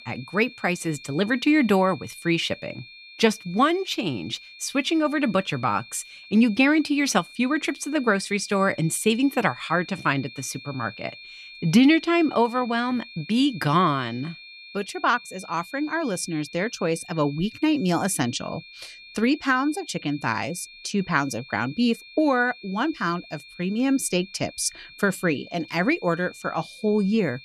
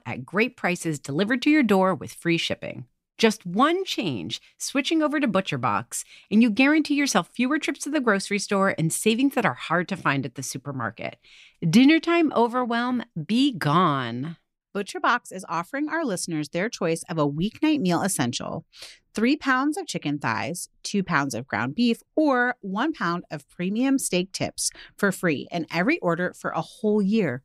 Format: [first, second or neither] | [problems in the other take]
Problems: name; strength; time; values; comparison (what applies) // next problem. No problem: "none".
second | high-pitched whine; noticeable; throughout; 2.5 kHz, 20 dB below the speech